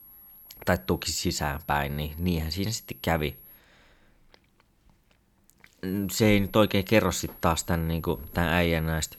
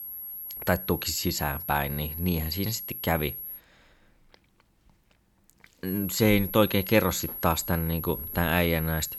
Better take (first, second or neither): first